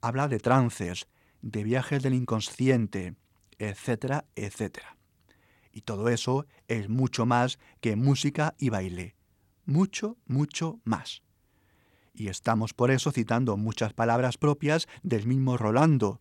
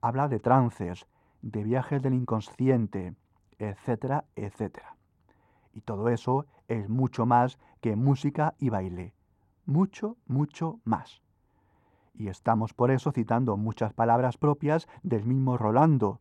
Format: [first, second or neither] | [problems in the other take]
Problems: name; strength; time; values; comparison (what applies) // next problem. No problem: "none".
first | muffled; very; fading above 2 kHz